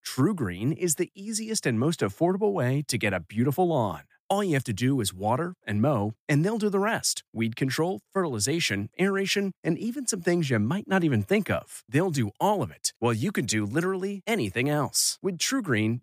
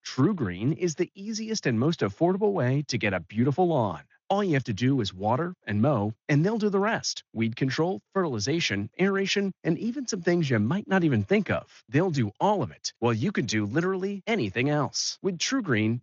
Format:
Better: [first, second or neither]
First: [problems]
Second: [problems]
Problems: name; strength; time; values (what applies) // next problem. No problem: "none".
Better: first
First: none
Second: garbled, watery; slightly; nothing above 6.5 kHz